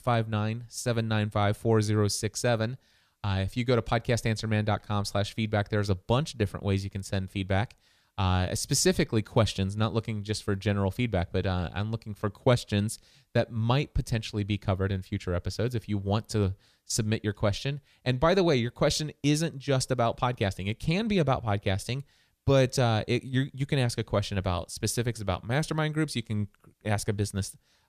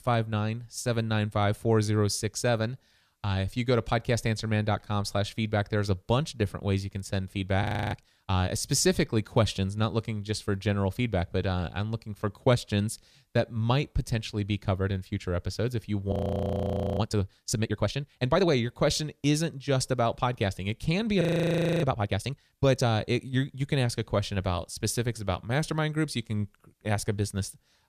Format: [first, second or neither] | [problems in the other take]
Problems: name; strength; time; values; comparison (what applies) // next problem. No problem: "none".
first | audio freezing; at 7.5 s, at 16 s for 1 s and at 21 s for 0.5 s